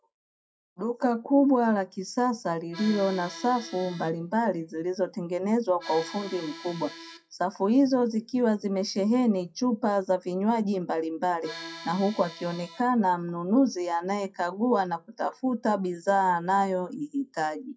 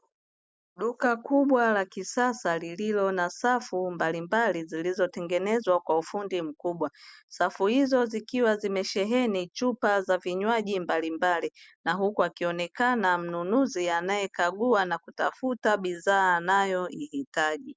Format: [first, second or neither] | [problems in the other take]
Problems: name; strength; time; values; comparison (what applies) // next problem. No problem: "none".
second | noise reduction (classical method WPE with log-MMSE)